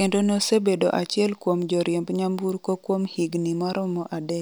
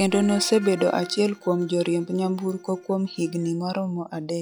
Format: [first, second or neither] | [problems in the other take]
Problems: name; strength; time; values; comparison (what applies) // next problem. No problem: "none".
first | noise reduction (classical method log-MMSE)